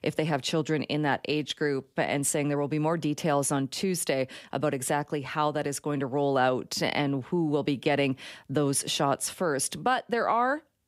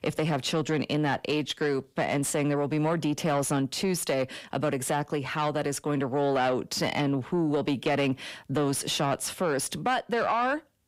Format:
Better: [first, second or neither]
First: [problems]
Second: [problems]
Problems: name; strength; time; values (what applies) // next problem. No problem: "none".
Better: first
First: none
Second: distortion; slight; 10 dB below the speech